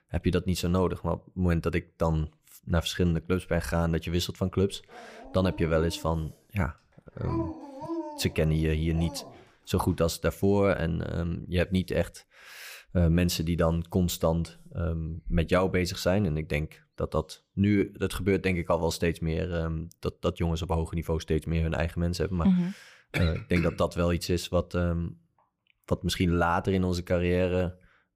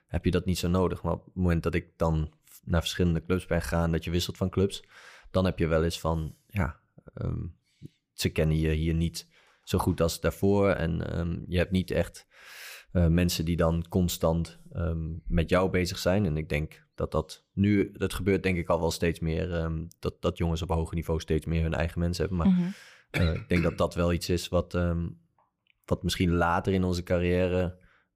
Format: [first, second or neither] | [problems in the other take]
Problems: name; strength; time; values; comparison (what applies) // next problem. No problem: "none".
second | dog barking; noticeable; from 5 to 9.5 s; peak 6 dB below the speech